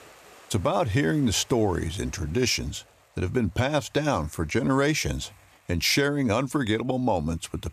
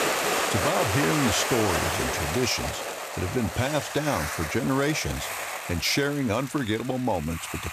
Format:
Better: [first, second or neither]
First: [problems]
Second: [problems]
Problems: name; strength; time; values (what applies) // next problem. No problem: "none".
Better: first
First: hiss; faint; throughout; 30 dB below the speech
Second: hiss; loud; throughout; 1 dB below the speech